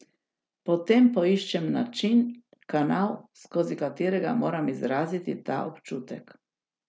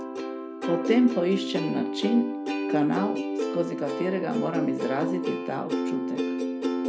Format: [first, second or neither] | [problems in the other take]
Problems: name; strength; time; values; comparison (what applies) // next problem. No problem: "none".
first | background sound (Plucked string instrument); 1 dB below the speech